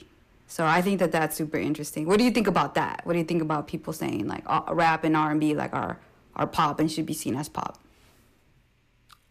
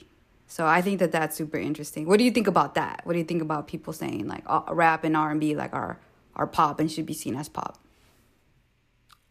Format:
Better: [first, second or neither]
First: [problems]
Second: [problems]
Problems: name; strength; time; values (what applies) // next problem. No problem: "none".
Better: second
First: distortion; slight; 10 dB below the speech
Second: none